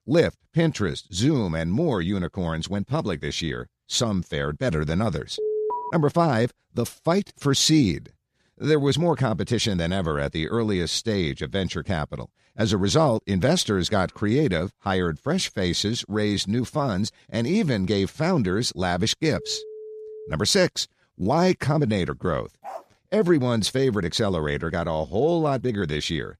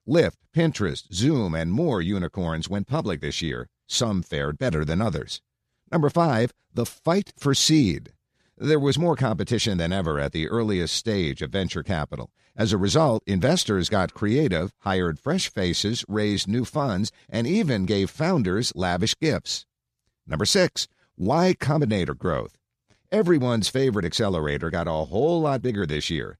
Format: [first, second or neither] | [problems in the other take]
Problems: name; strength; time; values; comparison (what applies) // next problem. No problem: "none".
second | alarm; noticeable; at 5.5 s; peak 2 dB below the speech // phone ringing; faint; at 19 s; peak 15 dB below the speech // dog barking; faint; at 23 s; peak 15 dB below the speech